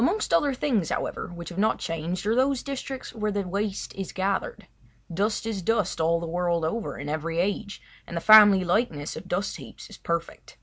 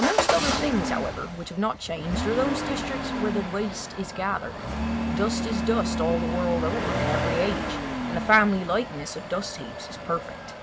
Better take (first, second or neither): first